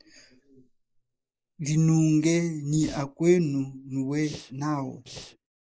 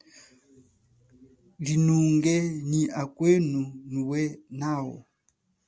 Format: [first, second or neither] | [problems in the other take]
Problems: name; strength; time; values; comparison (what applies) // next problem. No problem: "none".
second | noise reduction (neural mask model Resemble Enhance denoiser)